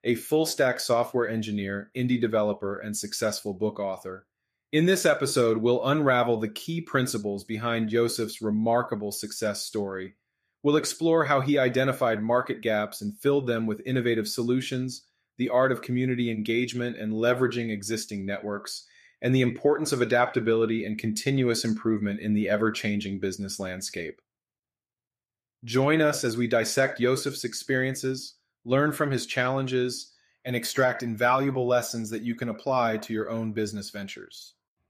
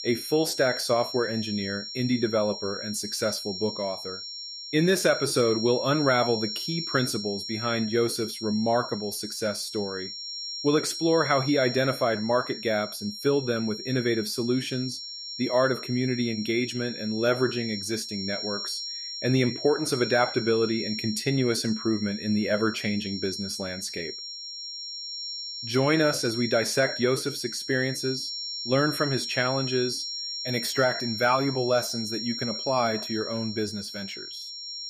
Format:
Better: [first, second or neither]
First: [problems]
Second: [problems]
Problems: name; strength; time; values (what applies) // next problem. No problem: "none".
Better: first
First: none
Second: high-pitched whine; loud; throughout; 5.5 kHz, 6 dB below the speech